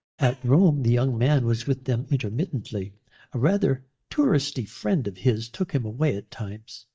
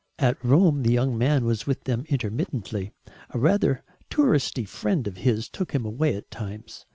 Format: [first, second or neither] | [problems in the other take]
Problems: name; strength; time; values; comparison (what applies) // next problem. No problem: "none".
second | noise reduction (neural mask model DeepFilterNet 3)